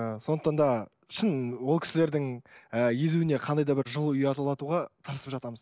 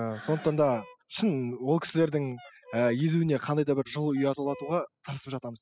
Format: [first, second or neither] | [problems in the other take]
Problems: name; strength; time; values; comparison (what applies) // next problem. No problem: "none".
first | noise reduction (classical method spectral subtraction)